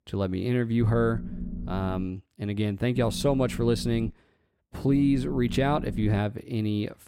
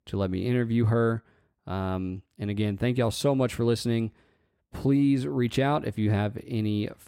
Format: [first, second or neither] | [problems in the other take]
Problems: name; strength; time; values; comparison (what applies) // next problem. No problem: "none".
second | low rumble; noticeable; from 1 to 2 s, from 3 to 4 s and from 5 to 6 s; 15 dB below the speech